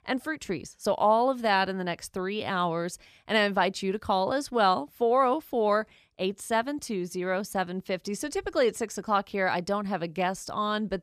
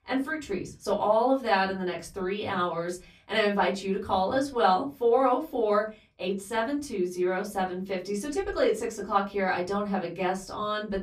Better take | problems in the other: first | off-mic speech; far // room echo; very slight; dies away in 0.3 s

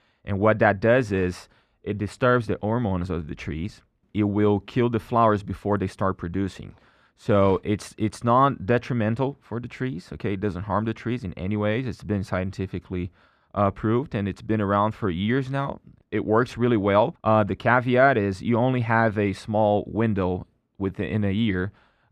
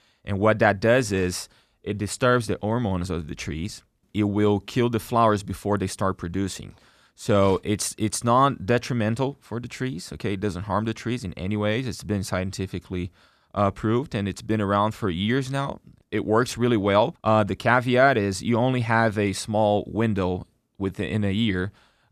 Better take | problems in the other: second | muffled; slightly; fading above 4 kHz

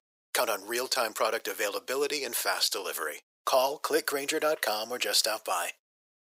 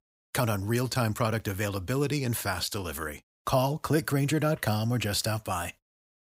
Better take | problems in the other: second | thin; very; fading below 450 Hz

